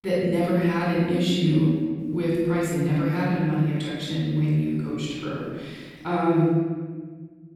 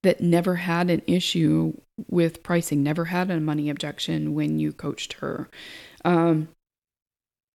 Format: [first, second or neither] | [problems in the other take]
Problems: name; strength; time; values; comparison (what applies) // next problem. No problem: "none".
second | off-mic speech; far // room echo; strong; dies away in 1.6 s